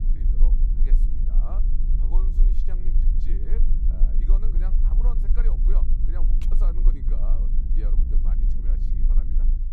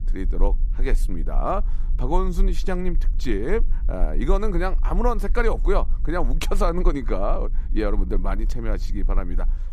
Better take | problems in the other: second | low rumble; loud; throughout; as loud as the speech; faint in the second

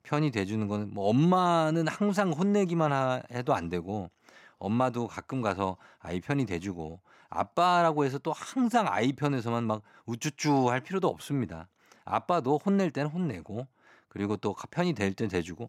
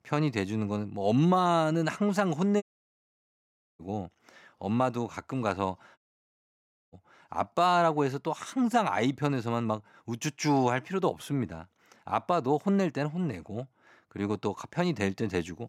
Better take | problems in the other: first | audio cutting out; at 2.5 s for 1 s and at 6 s for 1 s

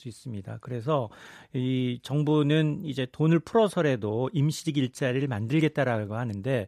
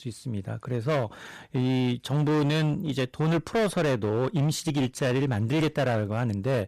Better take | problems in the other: first | distortion; heavy; 23% of the sound clipped

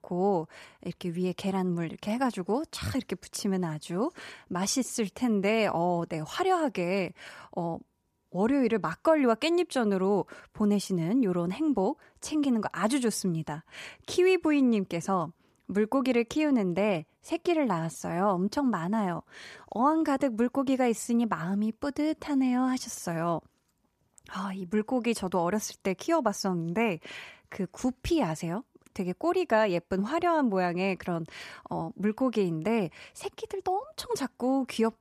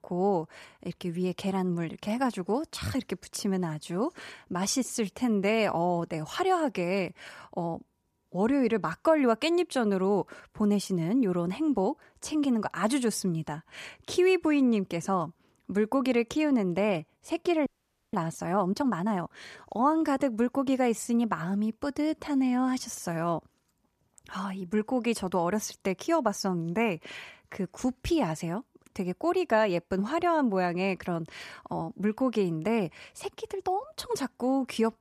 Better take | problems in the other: first | audio freezing; at 18 s

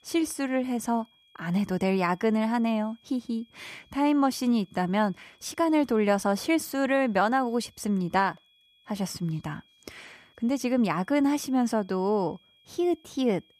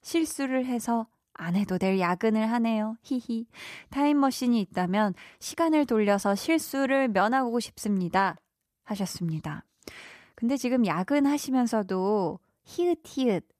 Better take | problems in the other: second | high-pitched whine; faint; throughout; 3.5 kHz, 35 dB below the speech

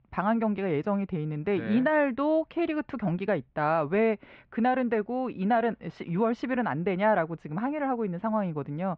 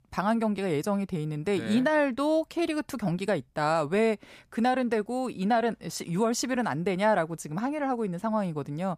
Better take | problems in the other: second | muffled; very; fading above 3 kHz

